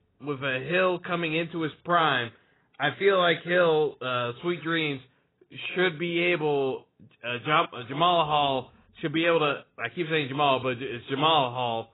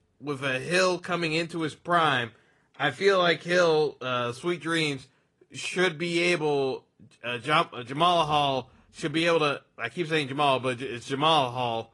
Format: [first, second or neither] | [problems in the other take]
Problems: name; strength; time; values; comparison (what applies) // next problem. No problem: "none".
second | garbled, watery; badly; nothing above 4 kHz; slightly in the second